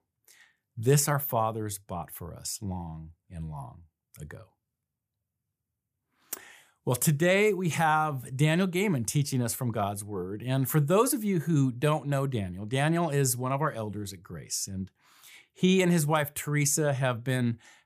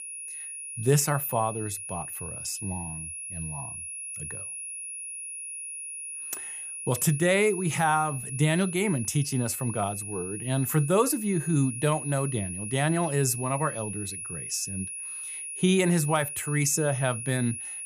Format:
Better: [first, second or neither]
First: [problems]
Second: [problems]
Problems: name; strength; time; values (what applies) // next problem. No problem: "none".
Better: first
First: none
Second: high-pitched whine; loud; throughout; 10.5 kHz, 8 dB below the speech